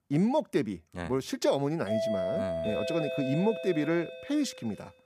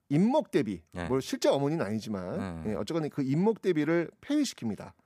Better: second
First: doorbell; loud; from 2 to 4.5 s; peak level with the speech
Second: none

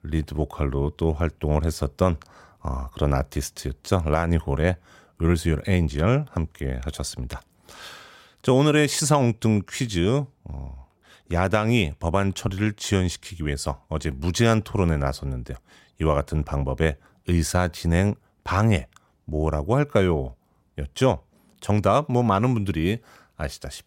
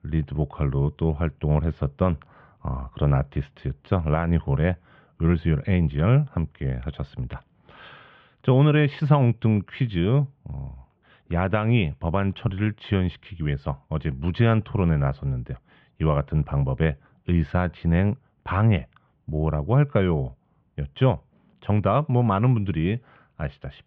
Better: first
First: none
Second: muffled; very; fading above 3 kHz

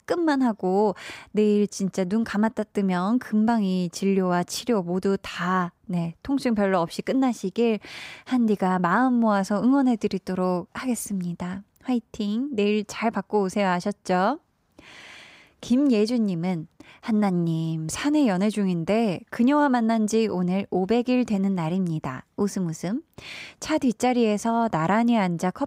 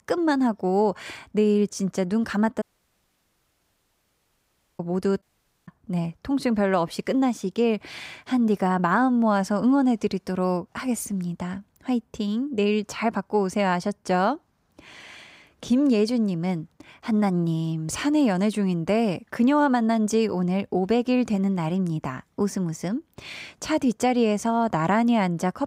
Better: first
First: none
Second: audio cutting out; at 2.5 s for 2 s and at 5 s

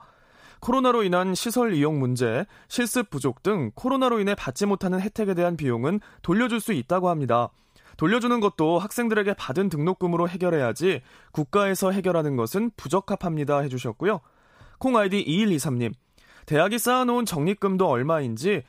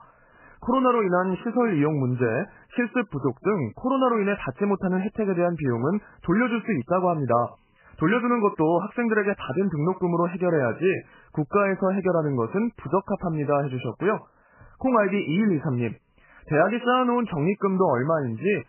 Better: first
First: none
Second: garbled, watery; badly; nothing above 3 kHz

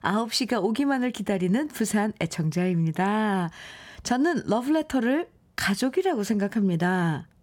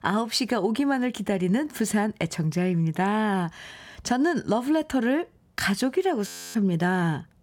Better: first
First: none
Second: audio freezing; at 6.5 s

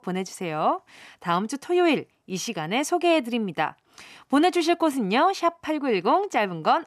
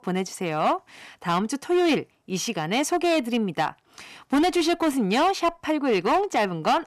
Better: first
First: none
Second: distortion; slight; 9% of the sound clipped

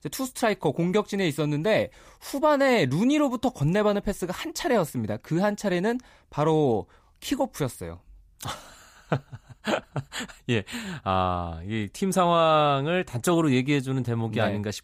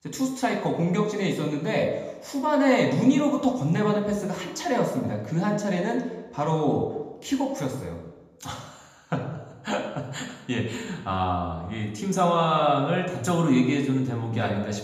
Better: first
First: none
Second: room echo; noticeable; dies away in 0.9 s // off-mic speech; somewhat distant

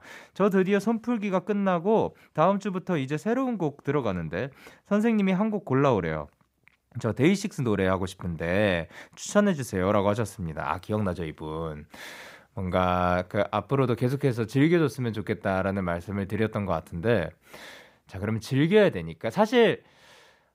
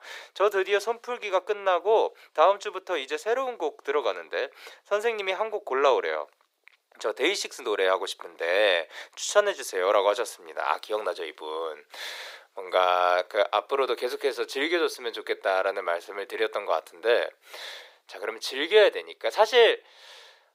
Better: first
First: none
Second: thin; very; fading below 400 Hz

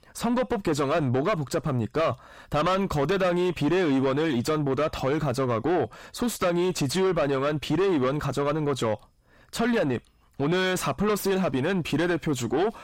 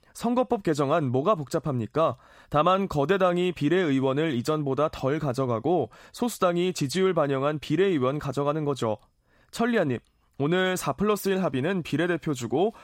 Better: second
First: distortion; heavy; 6 dB below the speech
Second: none

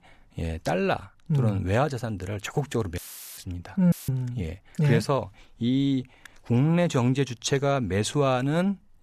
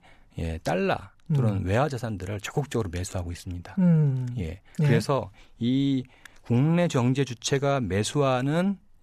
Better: second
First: audio cutting out; filled with static; at 3 s and at 4 s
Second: none

